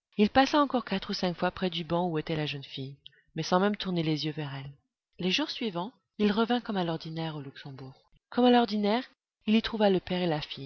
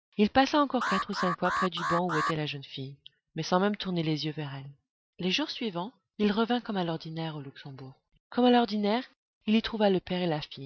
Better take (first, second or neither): first